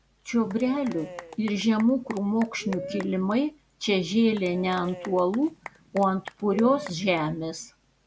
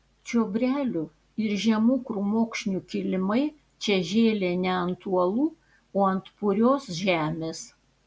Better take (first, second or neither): second